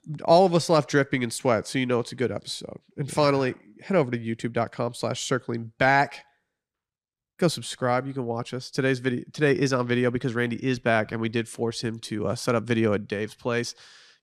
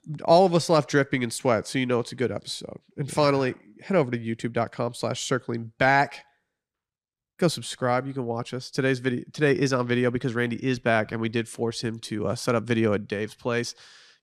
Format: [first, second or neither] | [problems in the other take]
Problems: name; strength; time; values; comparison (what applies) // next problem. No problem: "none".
neither | none